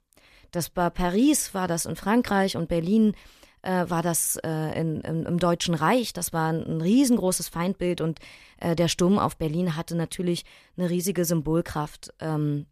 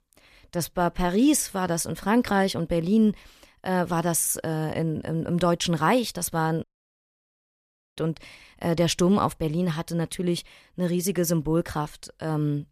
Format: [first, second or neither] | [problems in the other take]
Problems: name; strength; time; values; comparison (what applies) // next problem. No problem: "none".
first | audio cutting out; at 6.5 s for 1.5 s